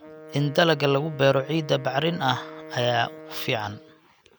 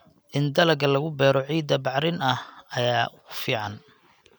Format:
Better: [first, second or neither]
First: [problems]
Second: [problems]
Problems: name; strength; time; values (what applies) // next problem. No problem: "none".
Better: second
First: background sound (Wind instrument, woodwind instrument); 17 dB below the speech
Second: none